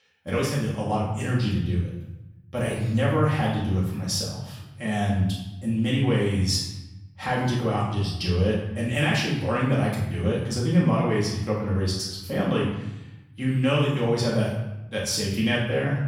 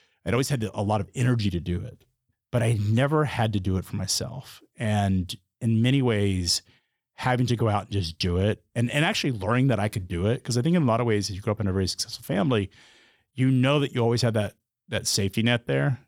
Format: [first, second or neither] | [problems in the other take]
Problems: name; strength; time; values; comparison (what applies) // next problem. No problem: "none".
second | room echo; noticeable; dies away in 0.8 s // off-mic speech; far